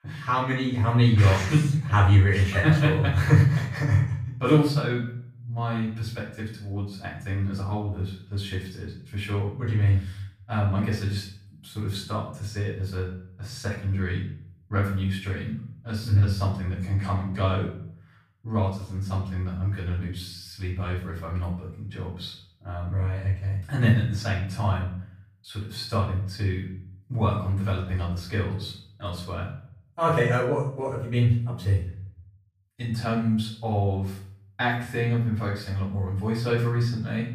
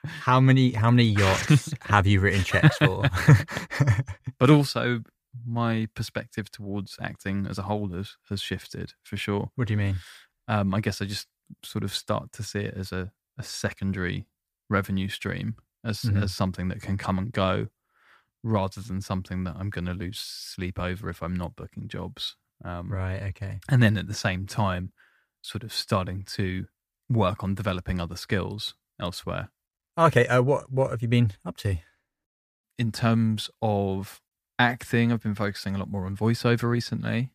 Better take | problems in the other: second | off-mic speech; far // room echo; noticeable; dies away in 0.5 s

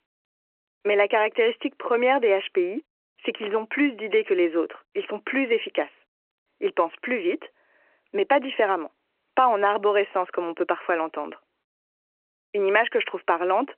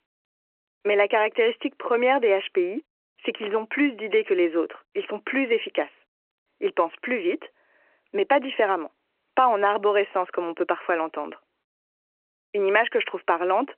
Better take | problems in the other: neither | phone-call audio; the same in both

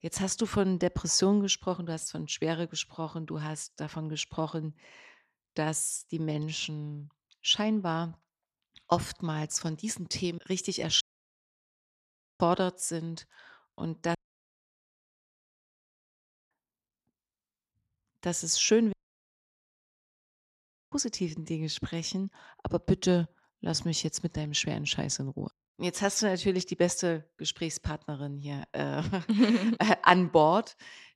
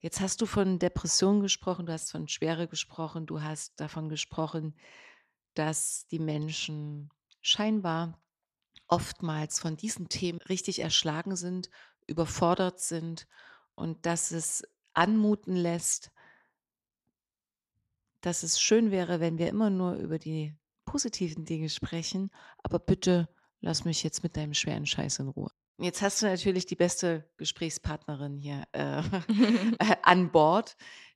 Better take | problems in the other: second | audio cutting out; at 11 s for 1.5 s, at 14 s for 2.5 s and at 19 s for 2 s

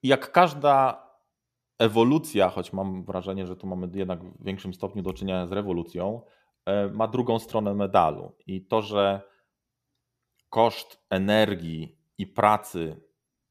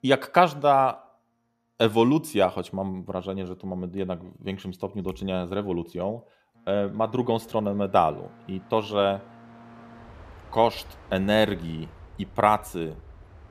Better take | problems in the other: first | train or aircraft noise; faint; throughout; 25 dB below the speech

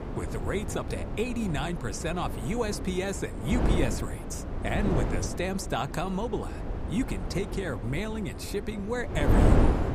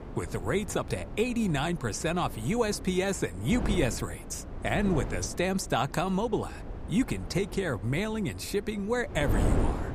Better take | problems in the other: second | wind noise on the microphone; heavy; 3 dB below the speech; occasional gusts in the second

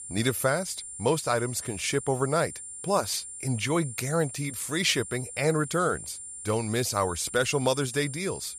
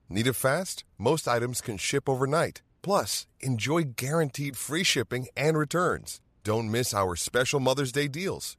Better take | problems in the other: second | high-pitched whine; loud; throughout; 9 kHz, 10 dB below the speech

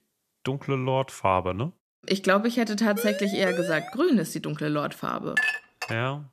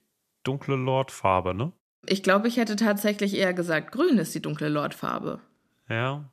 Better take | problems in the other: second | siren; noticeable; at 3 s; peak 6 dB below the speech // clattering dishes; loud; at 5.5 s; peak 2 dB above the speech

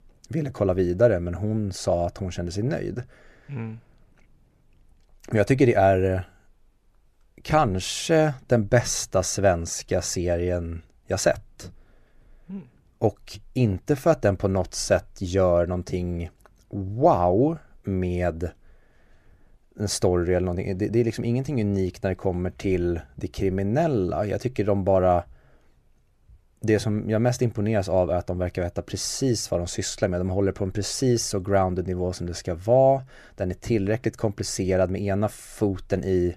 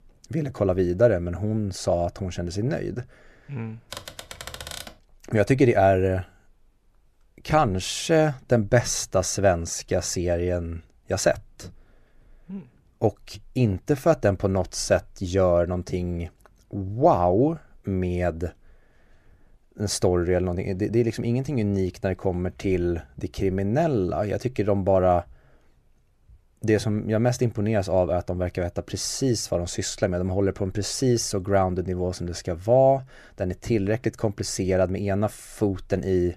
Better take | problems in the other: first | keyboard typing; faint; from 4 to 5 s; peak 10 dB below the speech

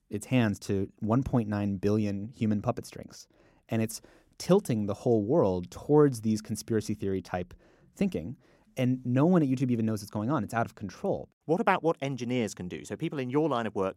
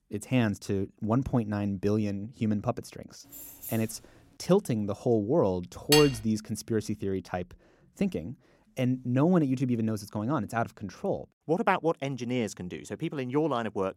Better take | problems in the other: first | jangling keys; faint; at 3.5 s; peak 10 dB below the speech // clattering dishes; loud; at 6 s; peak 3 dB above the speech

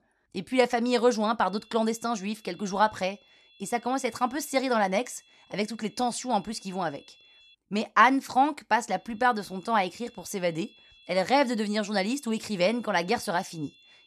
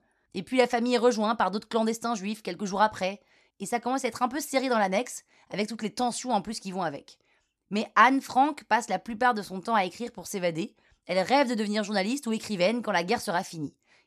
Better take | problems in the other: second | high-pitched whine; faint; from 1.5 to 7.5 s and from 9 s on; 3.5 kHz, 30 dB below the speech

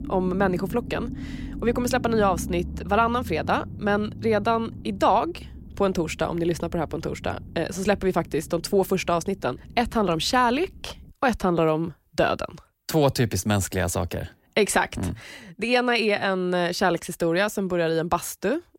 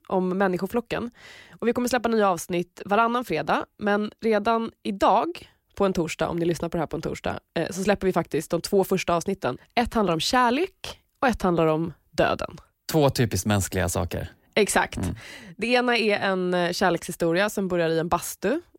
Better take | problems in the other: second | low rumble; faint; until 11 s; 20 dB below the speech

